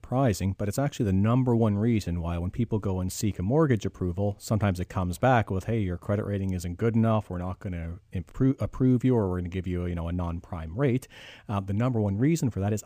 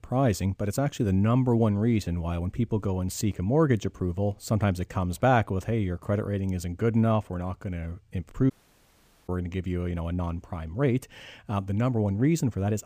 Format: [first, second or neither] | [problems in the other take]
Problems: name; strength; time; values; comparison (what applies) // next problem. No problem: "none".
first | audio cutting out; at 8.5 s for 1 s